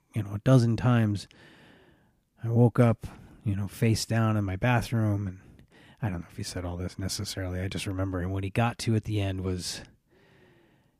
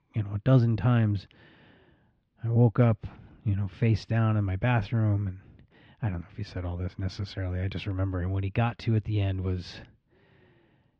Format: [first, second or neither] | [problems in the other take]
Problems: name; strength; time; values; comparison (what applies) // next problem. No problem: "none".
first | muffled; slightly; fading above 4 kHz